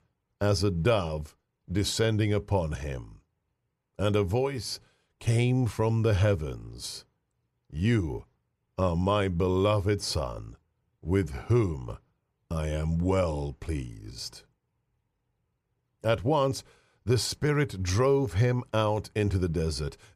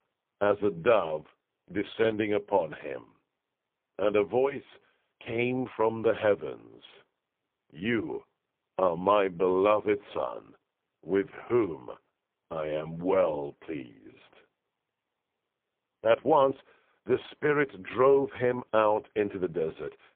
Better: first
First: none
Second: phone-call audio; poor line

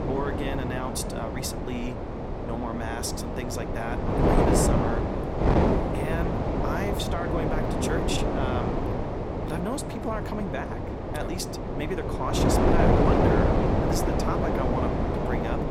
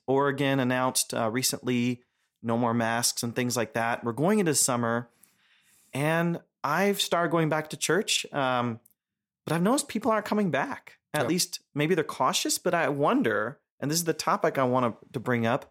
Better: second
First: wind noise on the microphone; heavy; 4 dB above the speech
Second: none

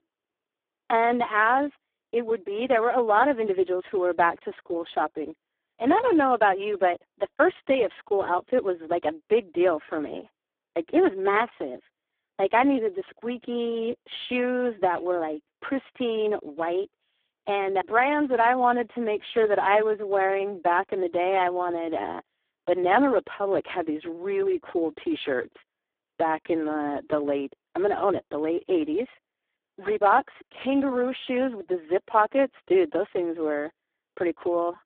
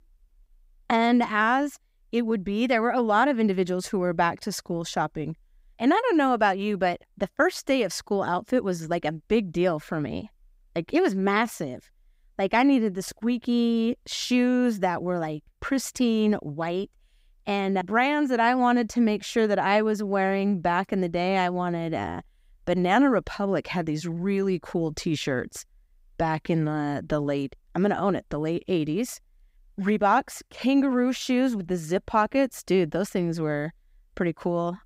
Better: second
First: phone-call audio; poor line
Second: none

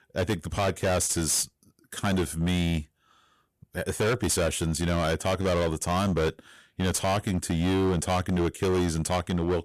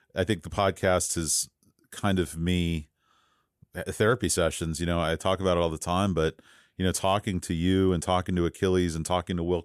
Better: second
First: distortion; heavy; 19% of the sound clipped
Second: none

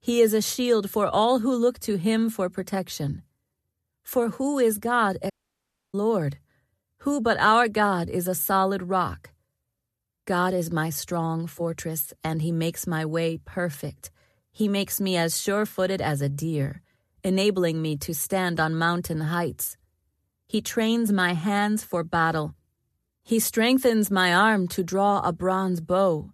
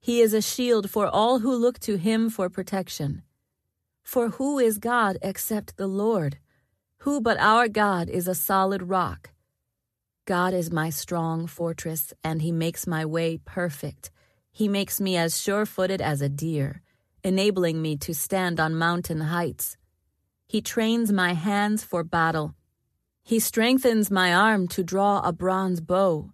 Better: second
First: audio cutting out; at 5.5 s for 0.5 s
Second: none

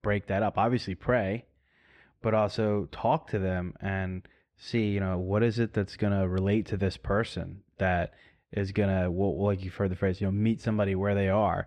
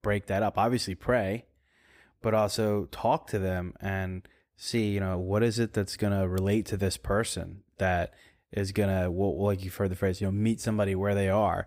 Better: second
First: muffled; very slightly; fading above 3 kHz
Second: none

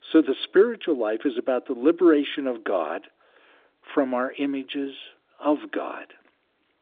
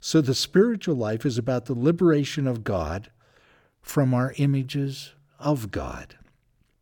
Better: second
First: phone-call audio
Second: none

